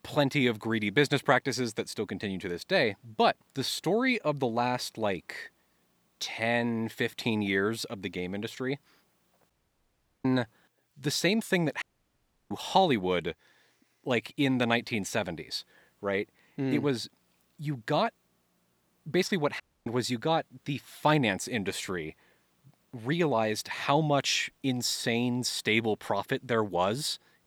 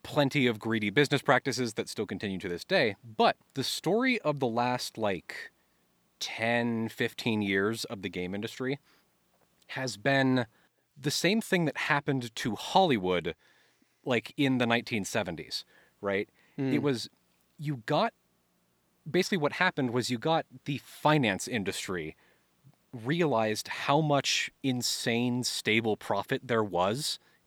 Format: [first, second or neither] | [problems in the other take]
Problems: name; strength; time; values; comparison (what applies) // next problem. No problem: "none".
second | audio cutting out; at 9.5 s for 0.5 s, at 12 s for 0.5 s and at 20 s